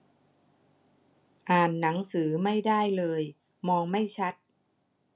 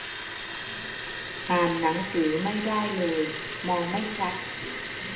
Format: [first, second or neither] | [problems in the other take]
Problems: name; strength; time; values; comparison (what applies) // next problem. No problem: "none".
first | background sound (Liquid); 6 dB below the speech // room echo; dies away in 0.8 s